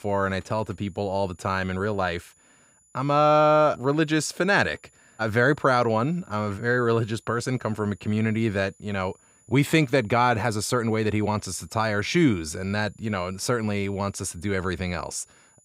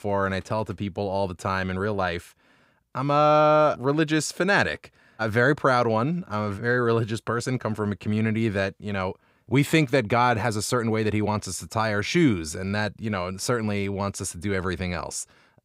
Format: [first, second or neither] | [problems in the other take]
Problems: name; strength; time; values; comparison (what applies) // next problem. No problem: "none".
second | high-pitched whine; faint; throughout; 7 kHz, 35 dB below the speech